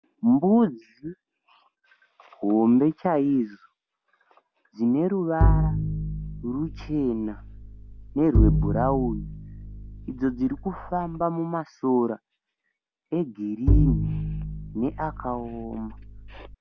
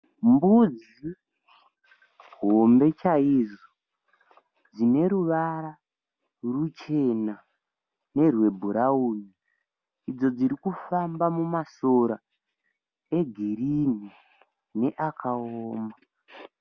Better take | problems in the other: second | background sound (Bowed string instrument); 1 dB above the speech

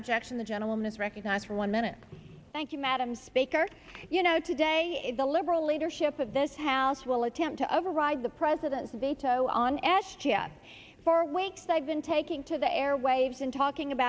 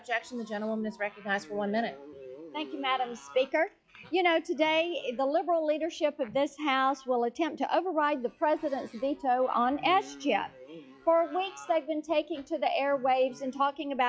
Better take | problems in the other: first | noise reduction (classical method log-MMSE)

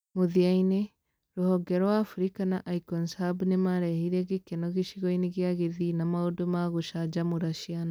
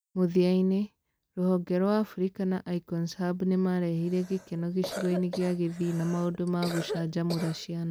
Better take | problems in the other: first | background sound (Cough); 12 dB below the speech

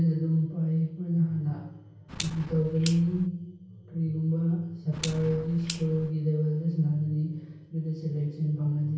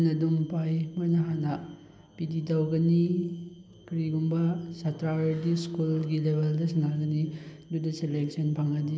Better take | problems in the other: second | background sound (Clock); 14 dB below the speech // room echo; dies away in 0.6 s

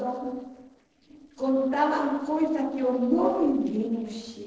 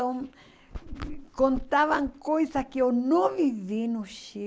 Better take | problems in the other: second | noise reduction (neural separator model SepFormer DNS4)

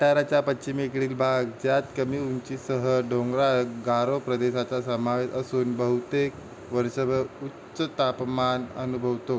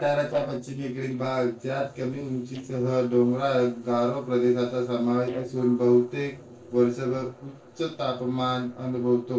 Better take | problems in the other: first | noise reduction (neural separator model SepFormer DNS4)

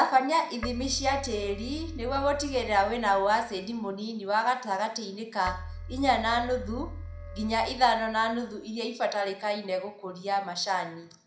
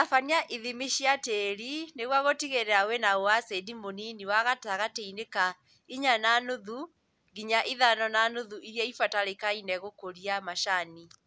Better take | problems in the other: second | background sound (Keyboard (musical)); 12 dB below the speech // room echo; dies away in 0.4 s

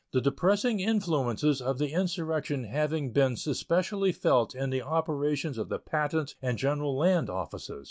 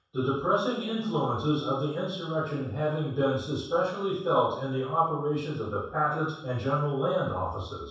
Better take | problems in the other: first | room echo; dies away in 0.7 s

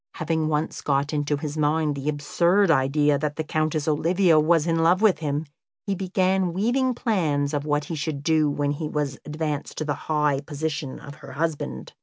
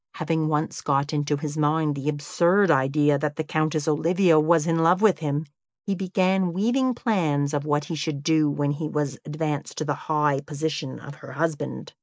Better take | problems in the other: first | noise reduction (neural mask model Resemble Enhance denoiser)

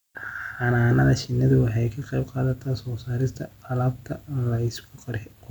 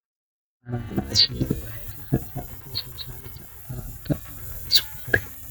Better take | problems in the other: first | noise reduction (neural mask model DeepFilterNet 3)

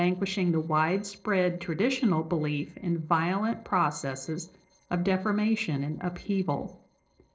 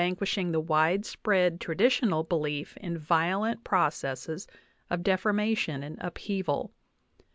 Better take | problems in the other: second | noise reduction (neural separator model SepFormer DNS4)

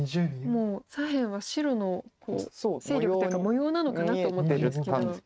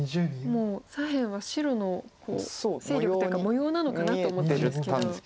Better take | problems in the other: second | noise reduction (neural mask model RNNoise)

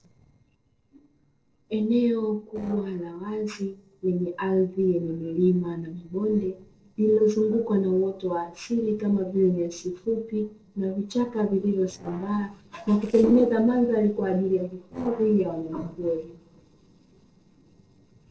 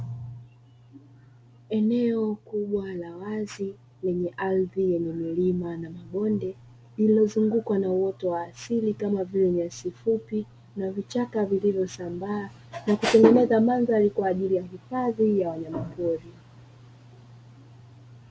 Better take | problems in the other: second | noise reduction (neural separator model SepFormer DNS4)

